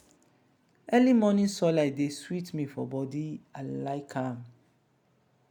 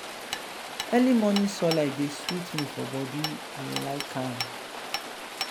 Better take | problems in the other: first | background sound (Hammer + Rain); 7 dB below the speech

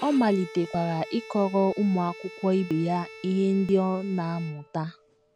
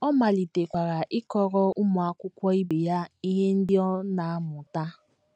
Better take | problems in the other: second | background sound (Bowed string instrument); 18 dB below the speech

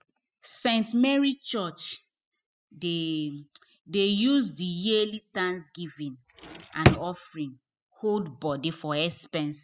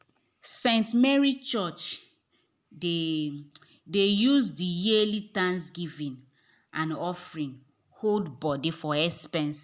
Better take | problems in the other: second | noise reduction (classical method spectral subtraction)

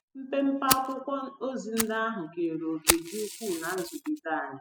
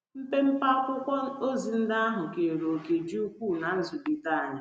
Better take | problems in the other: second | noise reduction (classical method spectral subtraction)

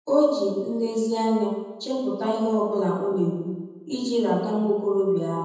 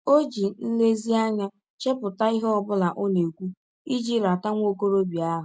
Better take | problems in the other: second | room echo; dies away in 1.1 s

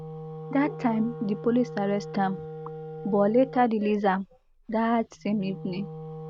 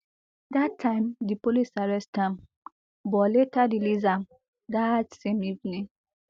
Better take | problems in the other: second | background sound (Wind instrument, woodwind instrument); 12 dB below the speech

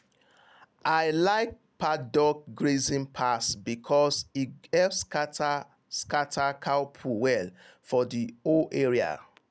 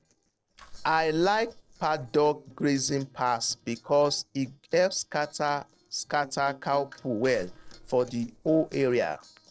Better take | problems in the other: first | noise reduction (neural separator model SepFormer DNS4)

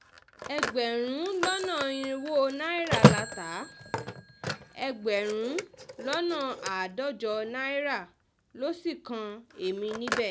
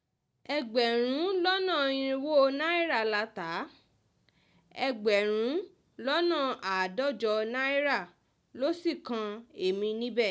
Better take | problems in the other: second | background sound (Telephone); 1 dB below the speech

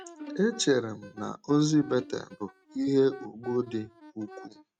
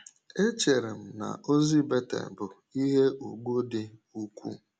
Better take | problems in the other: second | noise reduction (neural mask model RNNoise)

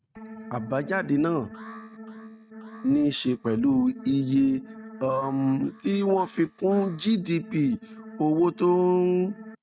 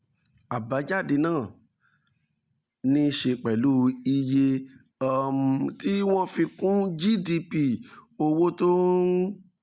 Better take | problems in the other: second | noise reduction (neural mask model RNNoise)

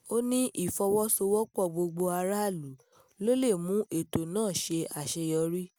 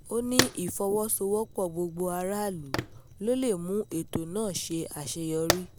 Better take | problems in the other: first | background sound (Fire); 6 dB below the speech

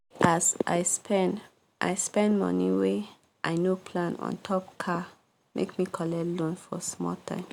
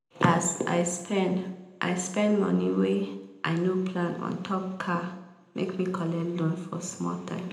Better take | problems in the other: first | room echo; dies away in 0.8 s

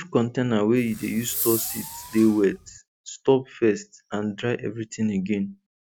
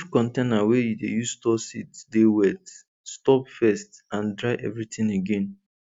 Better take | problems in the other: second | background sound (Fireworks); 8 dB below the speech

